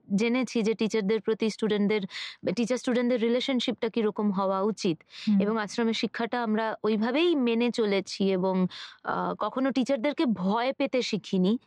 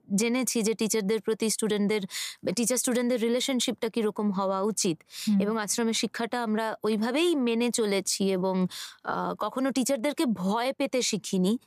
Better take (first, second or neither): second